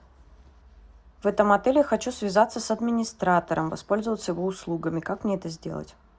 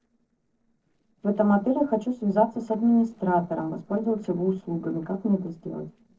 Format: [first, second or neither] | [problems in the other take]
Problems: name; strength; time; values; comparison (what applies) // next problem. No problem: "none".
first | noise reduction (neural separator model SepFormer DNS4)